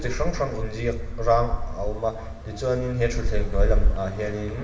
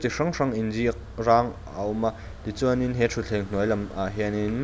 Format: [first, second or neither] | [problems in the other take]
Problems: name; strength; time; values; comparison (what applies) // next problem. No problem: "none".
second | background sound (Gull, seagull); 2 dB above the speech // room echo; dies away in 1.1 s